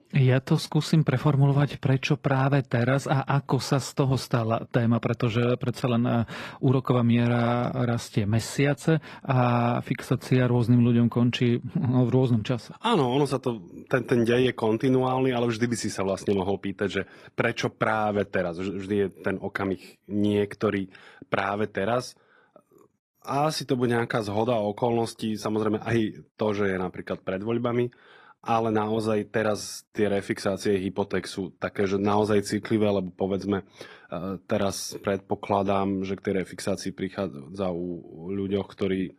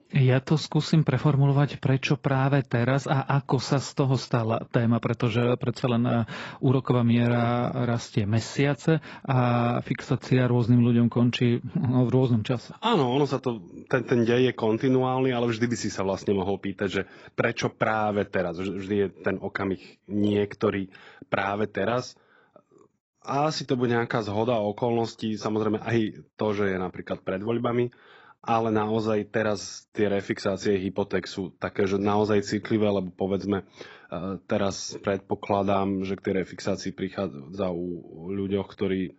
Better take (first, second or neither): first